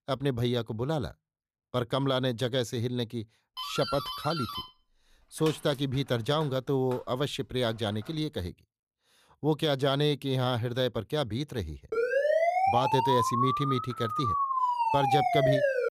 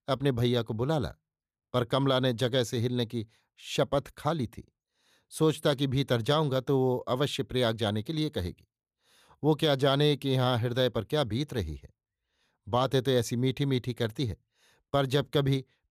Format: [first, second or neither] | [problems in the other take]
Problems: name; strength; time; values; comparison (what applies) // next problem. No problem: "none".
second | doorbell; noticeable; from 3.5 to 8 s; peak 4 dB below the speech // siren; loud; from 12 s on; peak 5 dB above the speech